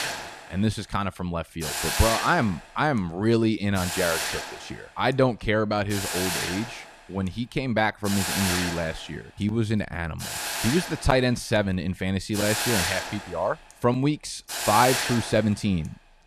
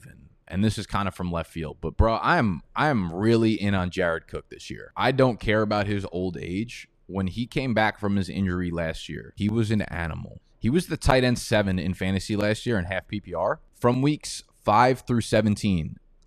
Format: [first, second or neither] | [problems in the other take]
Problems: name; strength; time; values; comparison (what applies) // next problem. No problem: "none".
second | hiss; loud; throughout; 3 dB below the speech